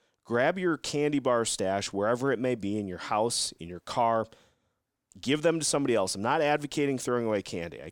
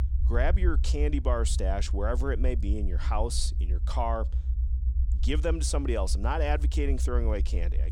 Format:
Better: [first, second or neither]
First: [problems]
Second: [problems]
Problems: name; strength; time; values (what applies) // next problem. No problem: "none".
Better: first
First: none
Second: low rumble; noticeable; throughout; 15 dB below the speech